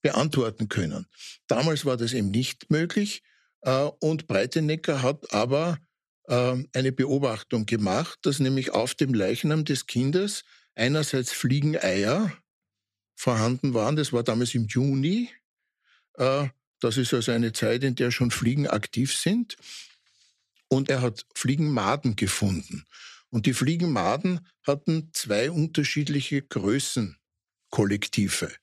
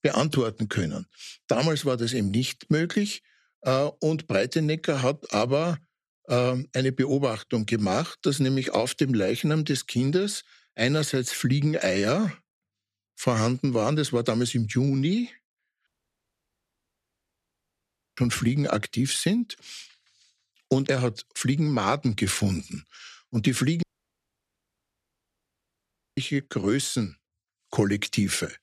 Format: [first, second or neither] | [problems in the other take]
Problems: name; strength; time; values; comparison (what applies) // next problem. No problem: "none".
first | audio cutting out; at 16 s for 2.5 s and at 24 s for 2.5 s